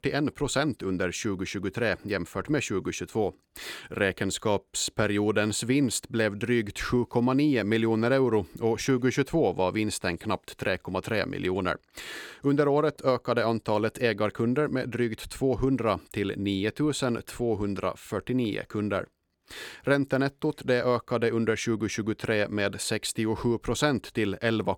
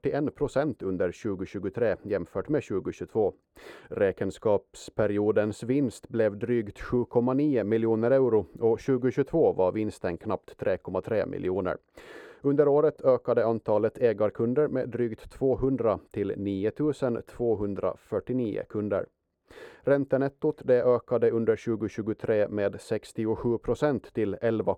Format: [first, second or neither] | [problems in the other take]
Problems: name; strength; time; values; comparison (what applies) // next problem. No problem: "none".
first | muffled; very; fading above 2 kHz